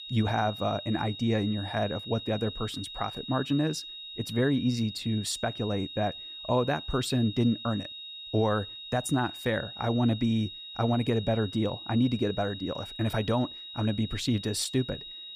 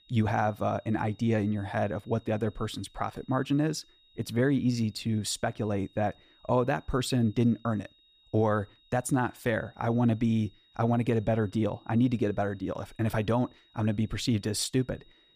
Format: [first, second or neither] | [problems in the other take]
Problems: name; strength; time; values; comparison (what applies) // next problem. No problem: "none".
second | high-pitched whine; loud; throughout; 4 kHz, 10 dB below the speech; faint in the second